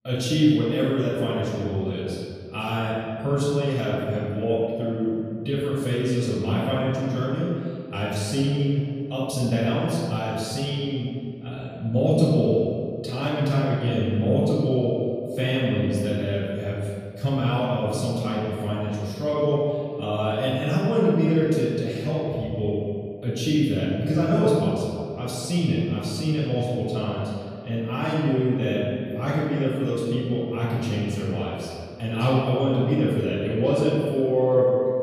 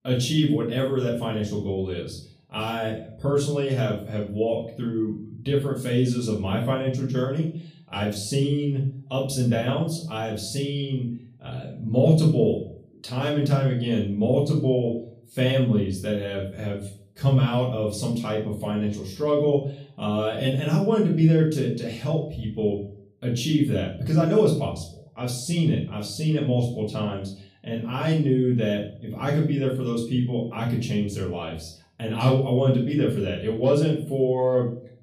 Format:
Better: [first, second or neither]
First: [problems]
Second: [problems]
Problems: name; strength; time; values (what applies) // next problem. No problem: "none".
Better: second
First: room echo; strong; dies away in 2 s // off-mic speech; far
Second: room echo; slight; dies away in 0.4 s // off-mic speech; far